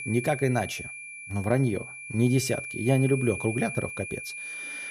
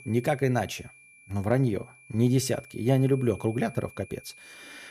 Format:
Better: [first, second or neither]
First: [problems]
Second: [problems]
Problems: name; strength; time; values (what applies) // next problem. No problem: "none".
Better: second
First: high-pitched whine; loud; throughout; 2.5 kHz, 8 dB below the speech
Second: high-pitched whine; faint; throughout; 2.5 kHz, 20 dB below the speech